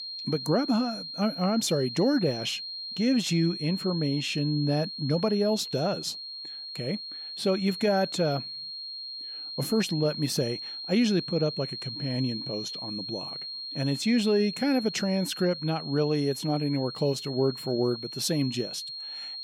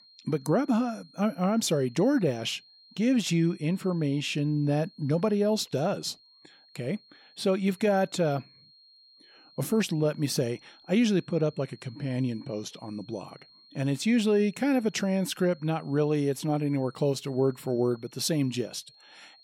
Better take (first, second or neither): second